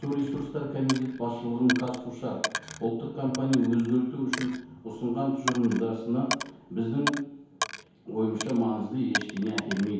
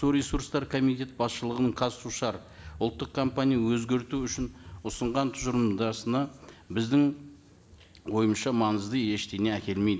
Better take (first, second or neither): second